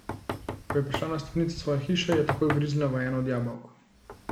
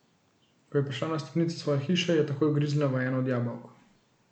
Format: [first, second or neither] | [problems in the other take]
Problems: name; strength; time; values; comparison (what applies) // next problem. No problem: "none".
second | background sound (Knock); 9 dB below the speech